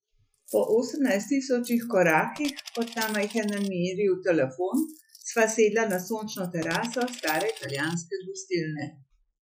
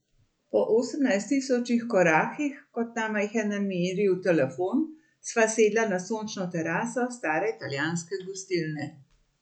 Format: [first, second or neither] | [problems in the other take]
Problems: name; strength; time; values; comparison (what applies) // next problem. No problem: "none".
second | noise reduction (classical method Wiener filter)